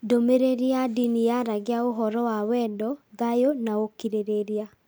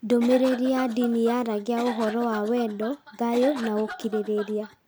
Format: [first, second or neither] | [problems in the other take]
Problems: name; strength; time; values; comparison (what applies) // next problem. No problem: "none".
first | background sound (Cough); 15 dB below the speech